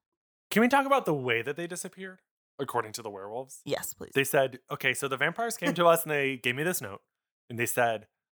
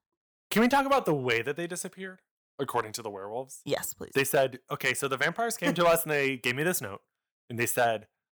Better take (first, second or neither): first